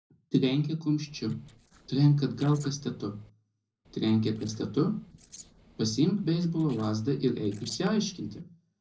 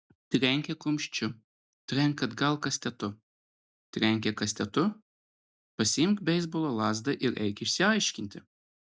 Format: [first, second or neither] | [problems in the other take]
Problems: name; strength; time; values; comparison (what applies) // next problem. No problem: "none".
second | noise reduction (neural separator model SepFormer DNS4)